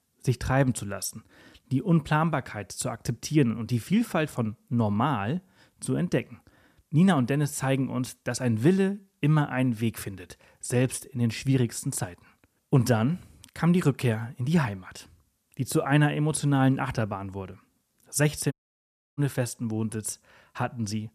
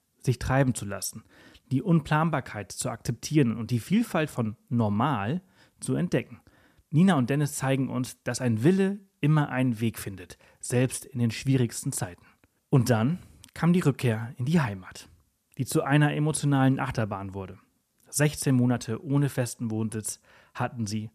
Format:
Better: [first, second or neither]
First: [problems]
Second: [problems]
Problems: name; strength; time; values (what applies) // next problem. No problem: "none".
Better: second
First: audio cutting out; at 19 s for 0.5 s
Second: none